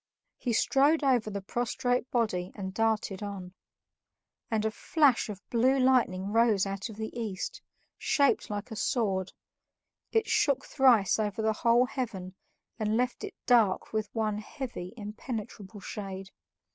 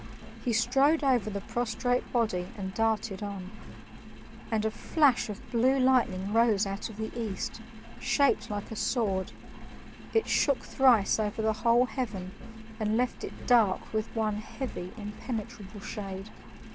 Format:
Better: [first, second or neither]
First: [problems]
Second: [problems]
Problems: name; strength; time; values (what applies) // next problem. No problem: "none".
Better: first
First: none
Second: background sound (Engine); 12 dB below the speech